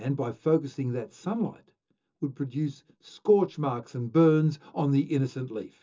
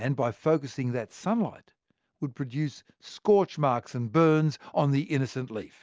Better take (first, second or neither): second